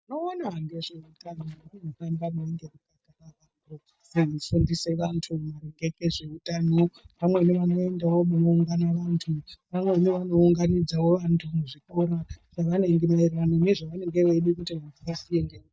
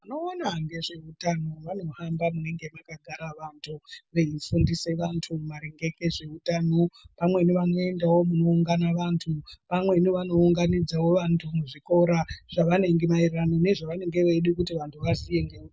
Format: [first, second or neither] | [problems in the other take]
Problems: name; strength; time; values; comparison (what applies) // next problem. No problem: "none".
second | noise reduction (neural mask model DeepFilterNet 3)